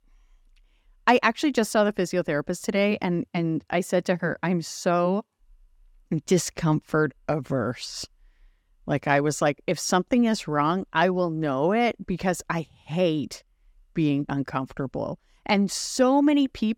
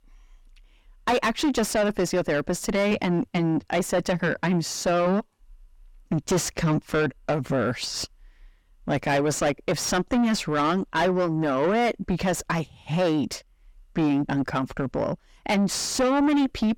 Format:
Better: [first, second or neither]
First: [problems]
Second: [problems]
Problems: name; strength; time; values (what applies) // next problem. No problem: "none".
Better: first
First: none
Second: distortion; heavy; 5 dB below the speech